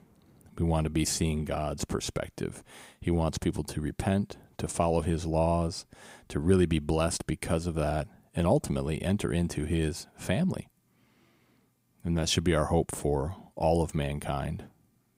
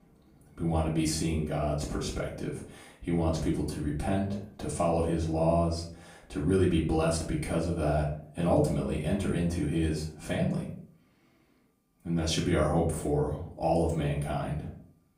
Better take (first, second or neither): first